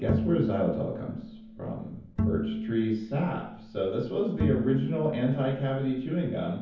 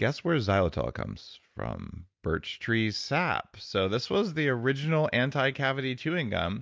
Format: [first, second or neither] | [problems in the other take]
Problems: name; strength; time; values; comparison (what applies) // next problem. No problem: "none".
second | background sound (Bowed string instrument); 5 dB below the speech // room echo; dies away in 0.7 s